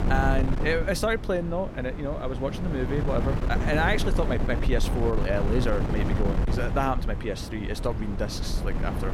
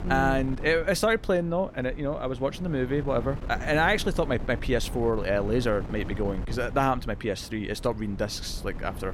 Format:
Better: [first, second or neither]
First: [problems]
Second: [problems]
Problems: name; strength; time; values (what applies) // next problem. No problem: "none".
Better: second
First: wind noise on the microphone; heavy; 7 dB below the speech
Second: wind noise on the microphone; occasional gusts; 20 dB below the speech